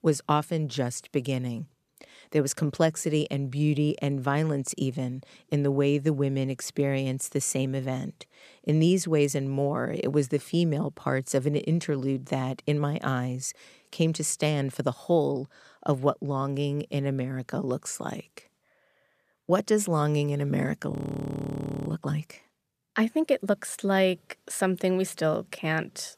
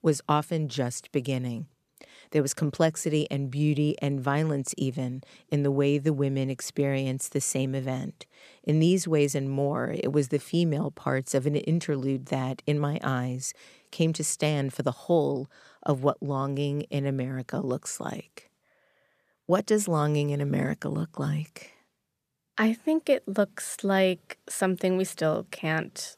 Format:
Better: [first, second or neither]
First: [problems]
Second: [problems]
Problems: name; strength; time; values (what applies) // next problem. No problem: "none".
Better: second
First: audio freezing; at 21 s for 1 s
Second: none